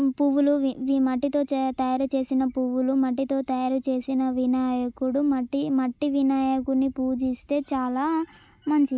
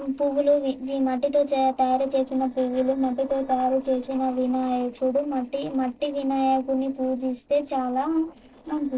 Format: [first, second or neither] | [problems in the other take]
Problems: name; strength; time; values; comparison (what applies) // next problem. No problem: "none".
first | noise reduction (neural separator model SepFormer DNS4)